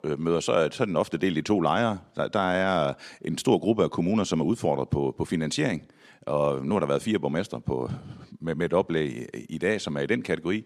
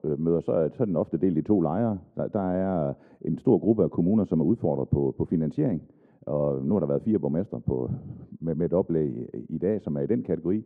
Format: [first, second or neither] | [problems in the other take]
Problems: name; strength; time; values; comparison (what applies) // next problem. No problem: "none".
first | muffled; very; fading above 1.5 kHz